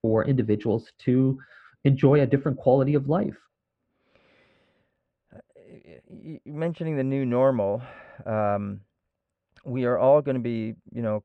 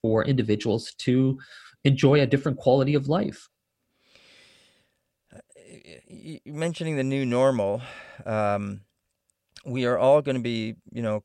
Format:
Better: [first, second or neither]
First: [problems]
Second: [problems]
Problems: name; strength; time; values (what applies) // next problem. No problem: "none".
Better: second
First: muffled; very; fading above 3 kHz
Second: none